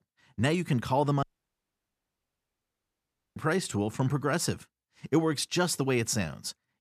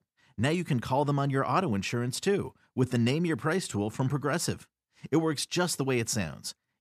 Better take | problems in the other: second | audio cutting out; at 1 s for 2 s

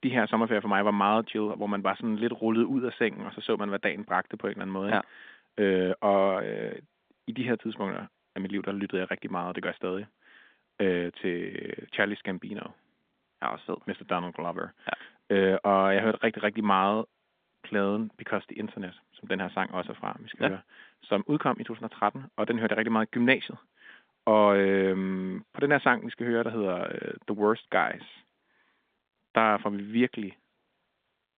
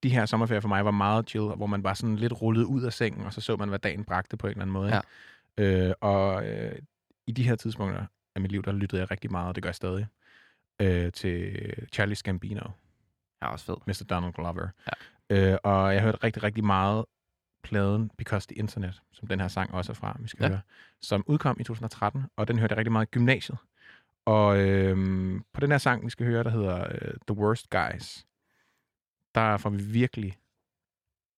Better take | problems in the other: second | phone-call audio; nothing above 3.5 kHz

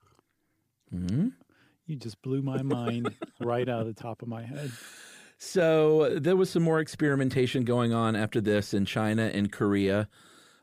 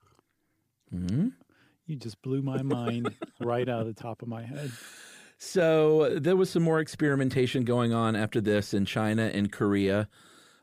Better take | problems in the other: neither | none

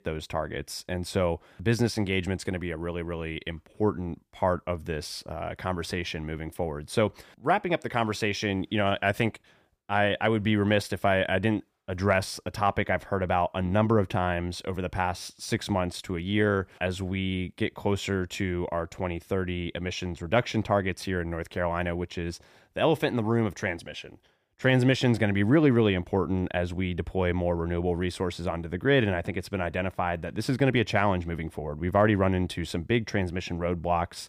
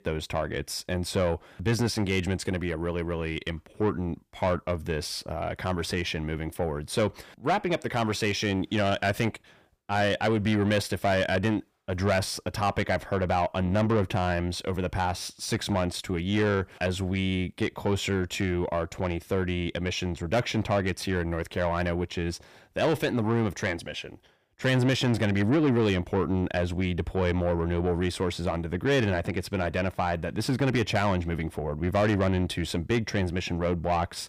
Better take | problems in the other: first | distortion; slight; 10 dB below the speech

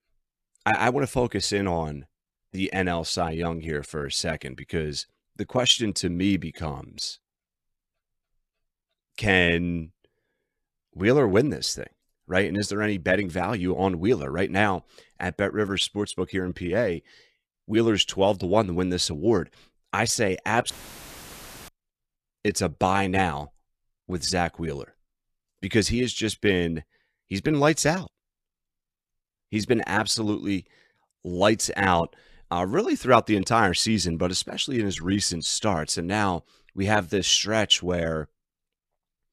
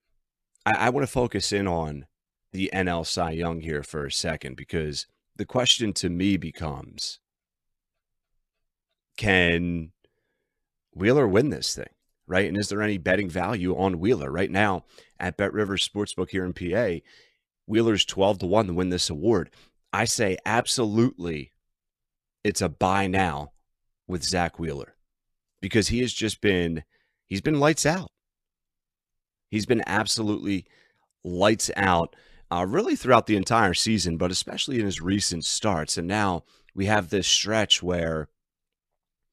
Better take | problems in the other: second | audio cutting out; filled with static; at 21 s for 1 s

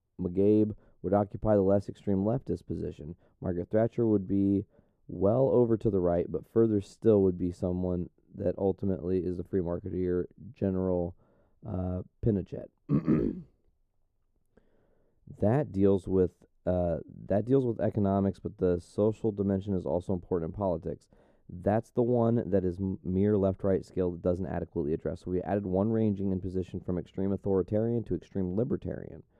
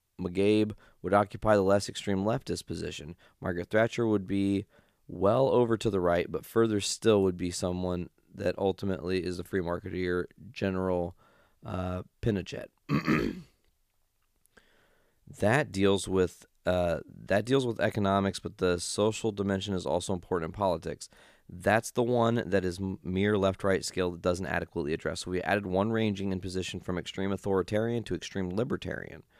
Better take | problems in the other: second | muffled; very; fading above 1 kHz

